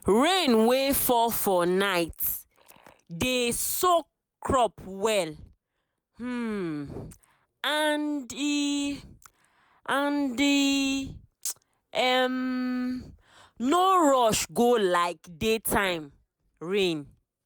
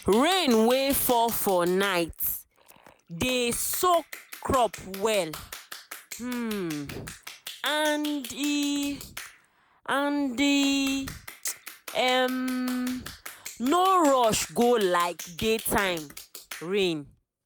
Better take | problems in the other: first | background sound (Clapping); 17 dB below the speech

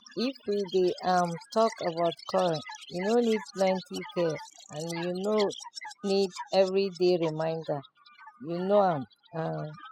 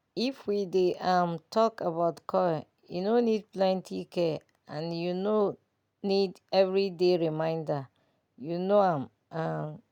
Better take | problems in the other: second | noise reduction (classical method spectral subtraction)

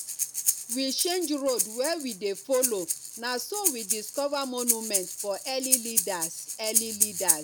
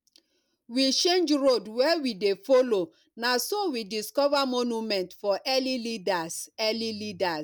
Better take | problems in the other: second | background sound (Breathing); 1 dB above the speech

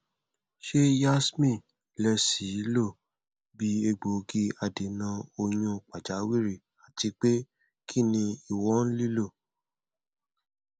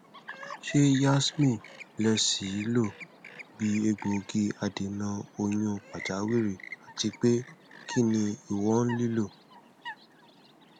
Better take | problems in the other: first | background sound (Chirp, tweet); 17 dB below the speech

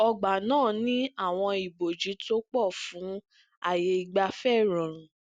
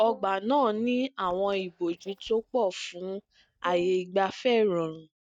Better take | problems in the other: first | noise reduction (neural mask model DeepFilterNet 3)

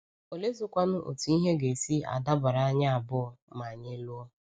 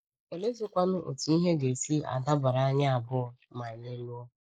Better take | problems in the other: first | noise reduction (neural mask model Resemble Enhance denoiser)

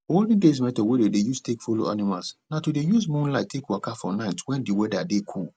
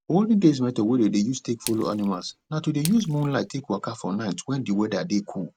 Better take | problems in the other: first | background sound (Splash, splatter); 16 dB below the speech

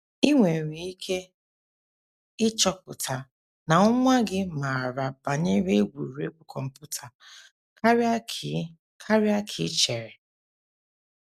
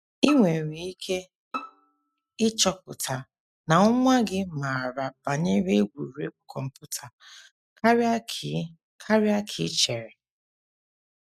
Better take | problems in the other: first | noise reduction (classical method spectral subtraction)

